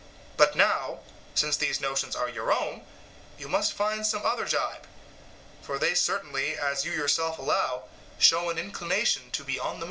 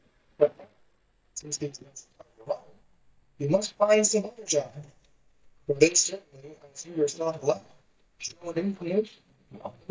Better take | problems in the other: first | noise reduction (neural mask model DeepFilterNet 3)

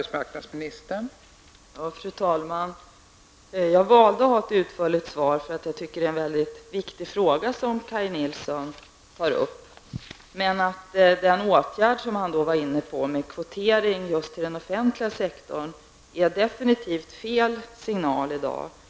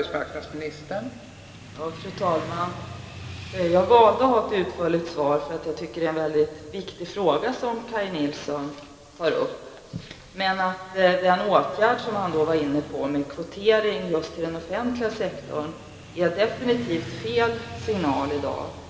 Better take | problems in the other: first | background sound (Motorcycle / Traffic noise, roadway noise); 17 dB below the speech // room echo; dies away in 2 s

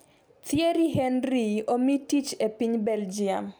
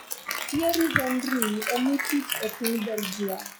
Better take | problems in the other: first | noise reduction (classical method log-MMSE)

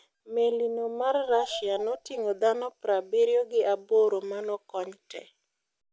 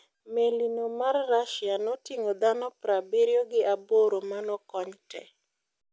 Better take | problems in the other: second | background sound (Bird vocalization, bird call, bird song); 16 dB below the speech

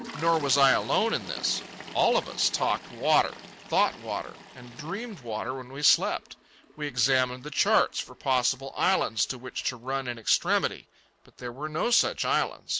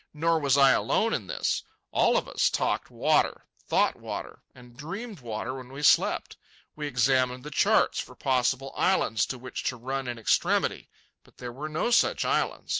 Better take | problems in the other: second | background sound (Toilet flush); 18 dB below the speech

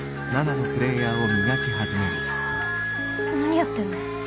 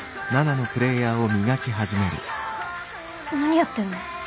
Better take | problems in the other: second | background sound (Wind instrument, woodwind instrument + Piano); 1 dB below the speech

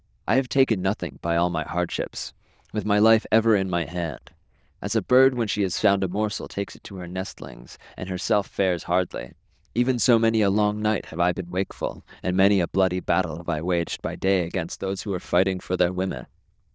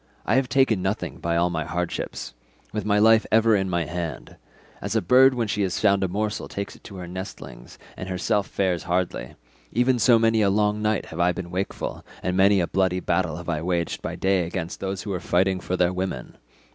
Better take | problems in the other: second | noise reduction (neural diffusion model UNIVERSE++)

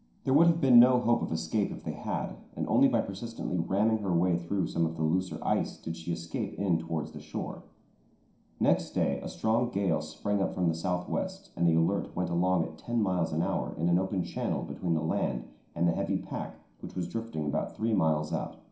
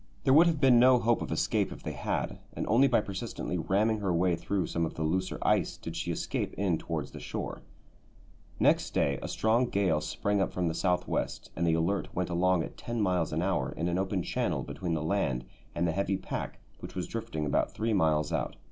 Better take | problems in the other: second | room echo; dies away in 0.5 s

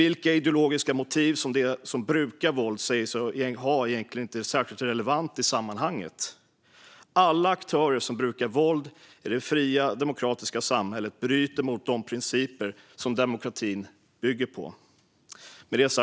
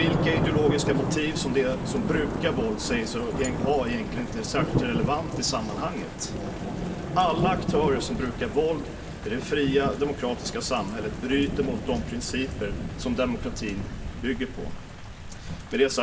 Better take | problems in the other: first | background sound (Thunder / Rain); 2 dB below the speech // room echo; dies away in 1.6 s

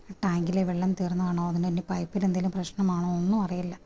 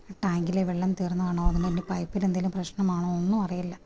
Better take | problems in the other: first | background sound (Burping, eructation); 4 dB below the speech

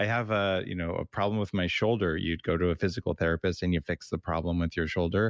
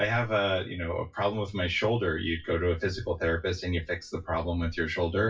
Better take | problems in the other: first | noise reduction (classical method WPE with log-MMSE)

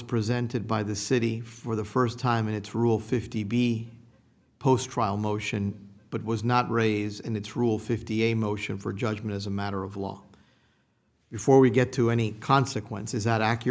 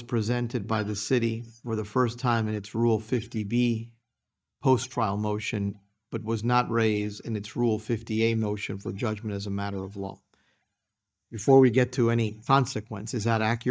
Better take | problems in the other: first | noise reduction (neural mask model DeepFilterNet 3)

